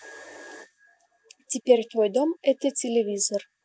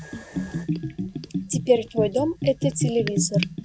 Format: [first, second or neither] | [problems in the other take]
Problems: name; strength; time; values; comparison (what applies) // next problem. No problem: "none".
first | background sound (Bathtub (filling or washing) / Gurgling); 2 dB below the speech